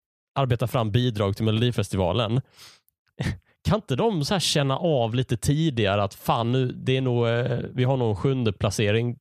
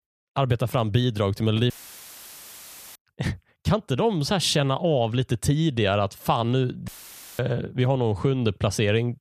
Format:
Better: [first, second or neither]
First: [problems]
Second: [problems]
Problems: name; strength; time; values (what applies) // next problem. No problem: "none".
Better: first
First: none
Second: audio cutting out; filled with static; at 1.5 s for 1.5 s and at 7 s for 0.5 s